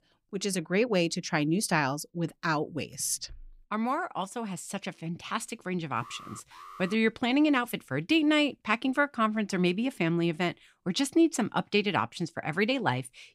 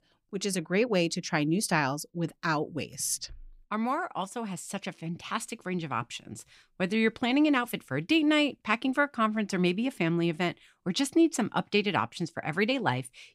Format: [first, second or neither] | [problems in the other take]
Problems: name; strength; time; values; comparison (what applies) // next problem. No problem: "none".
second | alarm; faint; at 6 s; peak 15 dB below the speech